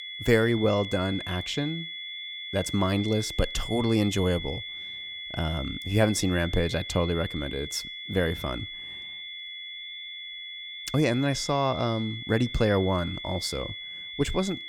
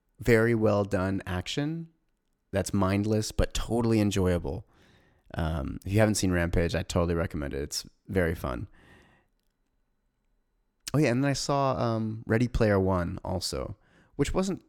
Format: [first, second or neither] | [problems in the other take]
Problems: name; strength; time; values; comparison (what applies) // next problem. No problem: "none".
second | high-pitched whine; loud; throughout; 3.5 kHz, 8 dB below the speech